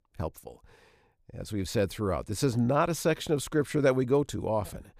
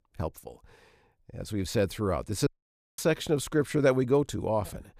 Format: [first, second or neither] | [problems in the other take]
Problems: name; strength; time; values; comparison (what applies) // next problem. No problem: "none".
first | audio cutting out; at 2.5 s for 0.5 s